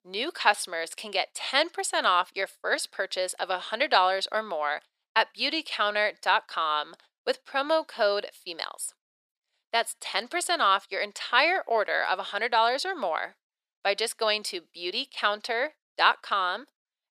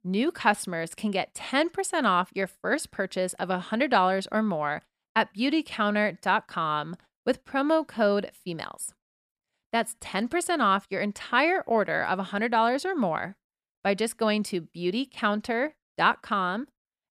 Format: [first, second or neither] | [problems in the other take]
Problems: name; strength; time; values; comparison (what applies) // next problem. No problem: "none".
second | thin; very; fading below 450 Hz